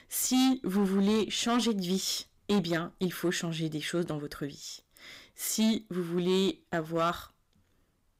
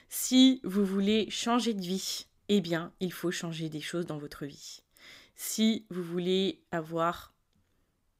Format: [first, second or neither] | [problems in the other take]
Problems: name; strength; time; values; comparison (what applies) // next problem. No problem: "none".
second | distortion; heavy; 7% of the sound clipped